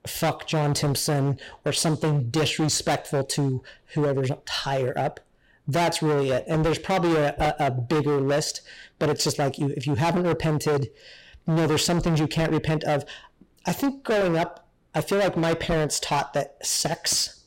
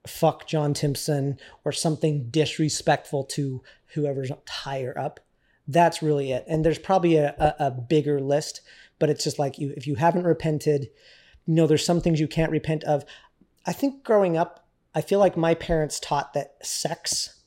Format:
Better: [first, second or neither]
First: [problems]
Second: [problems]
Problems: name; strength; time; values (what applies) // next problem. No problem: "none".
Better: second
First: distortion; heavy; 20% of the sound clipped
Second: none